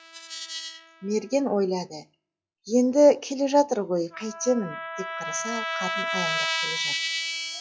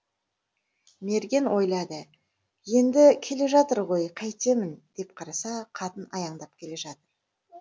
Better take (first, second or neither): second